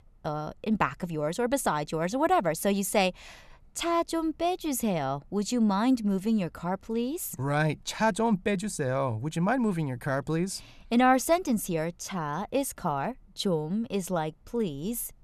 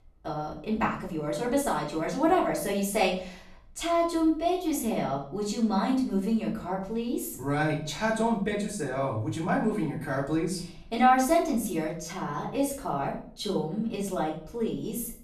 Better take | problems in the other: first | off-mic speech; far // room echo; slight; dies away in 0.4 s

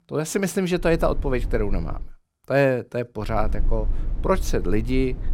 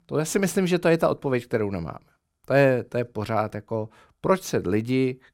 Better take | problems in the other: second | low rumble; faint; from 1 to 2 s and from 3.5 s on; 20 dB below the speech

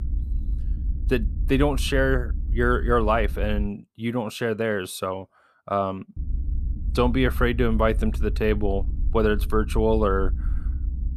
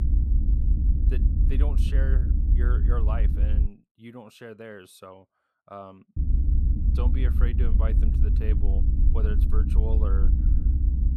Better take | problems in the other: first | low rumble; loud; until 3.5 s and from 6 s on; 2 dB below the speech; faint in the first

